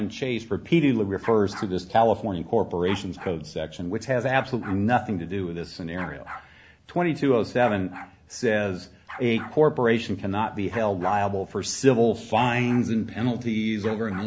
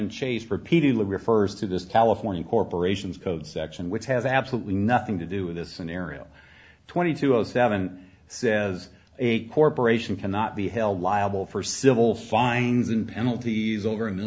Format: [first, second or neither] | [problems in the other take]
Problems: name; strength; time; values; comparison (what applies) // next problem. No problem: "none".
second | background sound (Bark); 20 dB below the speech